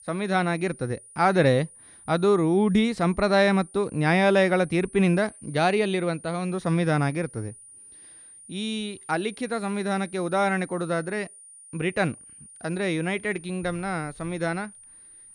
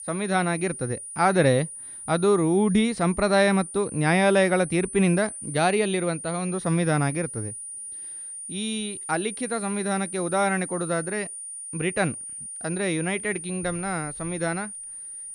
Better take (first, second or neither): first